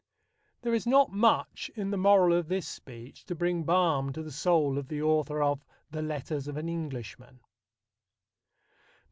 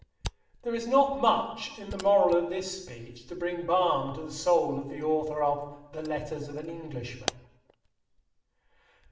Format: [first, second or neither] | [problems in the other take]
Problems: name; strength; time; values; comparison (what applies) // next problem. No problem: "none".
first | background sound (Camera); 17 dB below the speech // room echo; dies away in 0.8 s